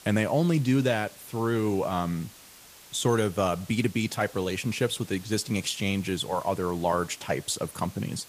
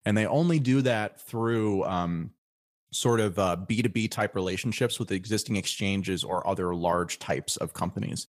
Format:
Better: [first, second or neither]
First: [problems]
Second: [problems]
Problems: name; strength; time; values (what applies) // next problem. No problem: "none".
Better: second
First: hiss; noticeable; throughout; 20 dB below the speech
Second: none